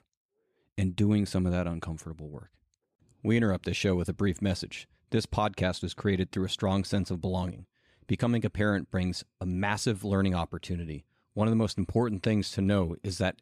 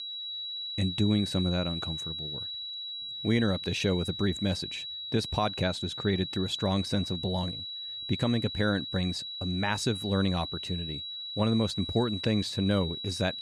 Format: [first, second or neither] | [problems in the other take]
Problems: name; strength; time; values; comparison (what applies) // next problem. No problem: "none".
first | high-pitched whine; loud; throughout; 4 kHz, 5 dB below the speech